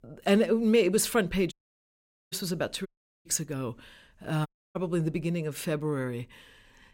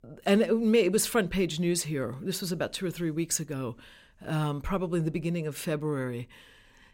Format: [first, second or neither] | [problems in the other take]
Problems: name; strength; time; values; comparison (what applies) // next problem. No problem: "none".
second | audio cutting out; at 1.5 s for 1 s, at 3 s and at 4.5 s